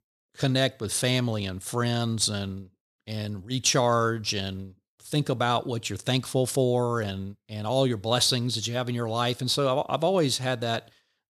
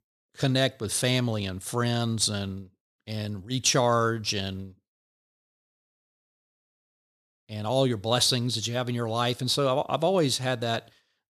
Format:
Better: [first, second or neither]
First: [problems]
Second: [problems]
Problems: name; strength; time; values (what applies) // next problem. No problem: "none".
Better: first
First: none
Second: audio cutting out; at 5 s for 2.5 s